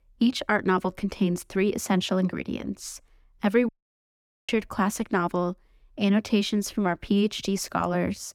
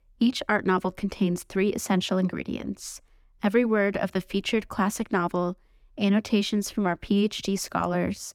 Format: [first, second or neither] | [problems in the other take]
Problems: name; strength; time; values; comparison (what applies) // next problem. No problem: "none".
second | audio cutting out; at 3.5 s for 1 s